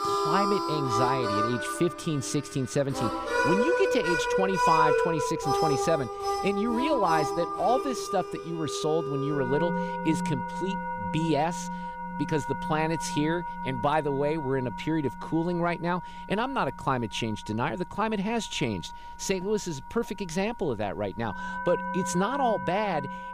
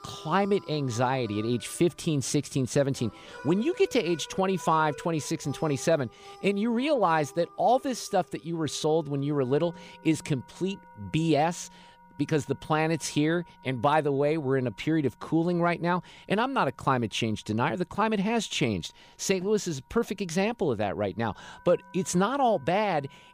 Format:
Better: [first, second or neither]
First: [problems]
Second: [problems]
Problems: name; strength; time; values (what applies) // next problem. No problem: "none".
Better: second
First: background music; loud; throughout; 1 dB below the speech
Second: background music; faint; throughout; 20 dB below the speech